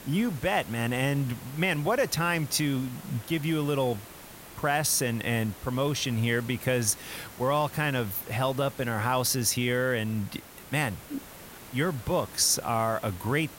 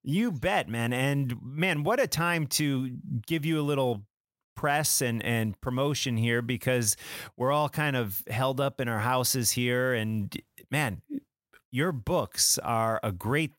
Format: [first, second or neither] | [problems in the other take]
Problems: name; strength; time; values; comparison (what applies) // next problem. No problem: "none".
second | hiss; noticeable; throughout; 15 dB below the speech